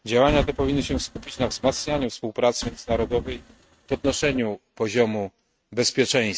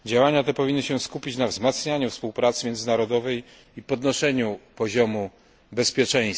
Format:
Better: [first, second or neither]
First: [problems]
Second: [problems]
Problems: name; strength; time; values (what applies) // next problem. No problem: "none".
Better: second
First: noise reduction (neural mask model RNNoise)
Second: none